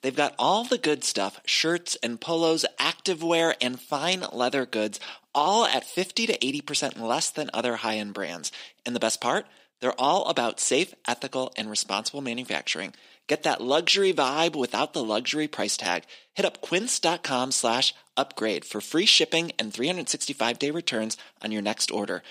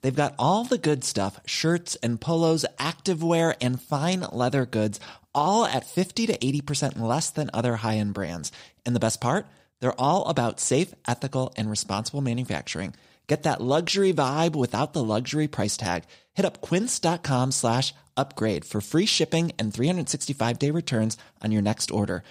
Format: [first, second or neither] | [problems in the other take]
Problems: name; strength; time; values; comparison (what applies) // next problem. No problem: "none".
second | thin; somewhat; fading below 250 Hz